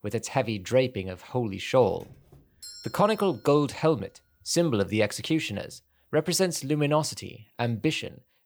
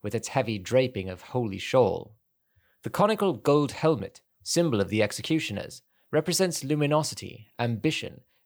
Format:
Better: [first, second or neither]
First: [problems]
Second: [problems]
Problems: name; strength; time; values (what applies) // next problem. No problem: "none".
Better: second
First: doorbell; faint; from 2 to 3.5 s; peak 15 dB below the speech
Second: none